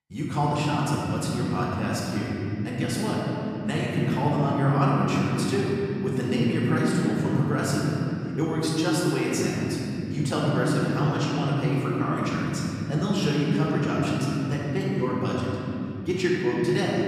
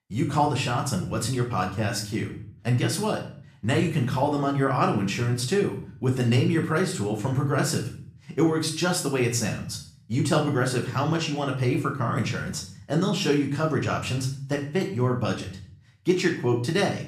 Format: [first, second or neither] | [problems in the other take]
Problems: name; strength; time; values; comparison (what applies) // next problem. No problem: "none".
second | room echo; strong; dies away in 3 s; slight in the second // off-mic speech; far; somewhat distant in the second